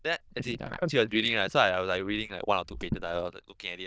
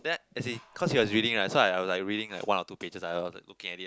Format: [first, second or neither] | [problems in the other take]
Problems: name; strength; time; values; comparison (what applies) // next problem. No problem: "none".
second | noise reduction (neural diffusion model UNIVERSE++)